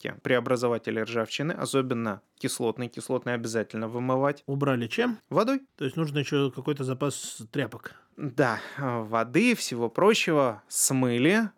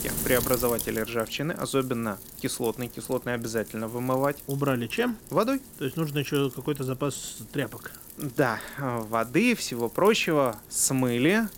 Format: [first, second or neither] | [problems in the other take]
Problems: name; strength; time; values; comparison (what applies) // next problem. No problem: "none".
first | wind noise on the microphone; occasional gusts; 15 dB below the speech